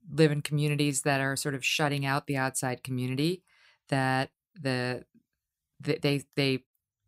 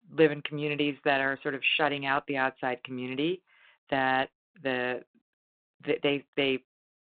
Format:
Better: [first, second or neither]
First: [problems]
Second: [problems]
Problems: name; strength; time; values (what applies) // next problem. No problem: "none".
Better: first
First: none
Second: phone-call audio